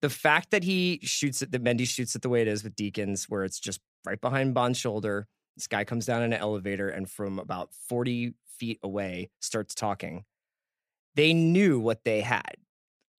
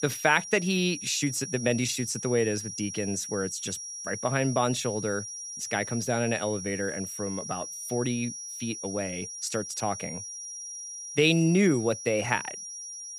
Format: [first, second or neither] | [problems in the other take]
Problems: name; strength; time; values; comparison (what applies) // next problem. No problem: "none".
first | high-pitched whine; loud; throughout; 5.5 kHz, 8 dB below the speech